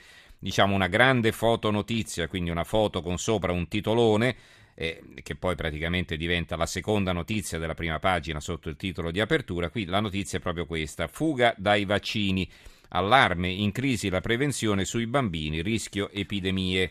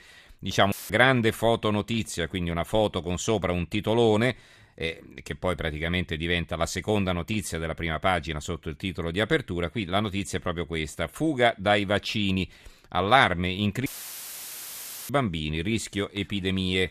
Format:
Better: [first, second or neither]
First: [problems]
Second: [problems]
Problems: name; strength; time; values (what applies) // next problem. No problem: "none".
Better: first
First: none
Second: audio cutting out; filled with static; at 0.5 s and at 14 s for 1 s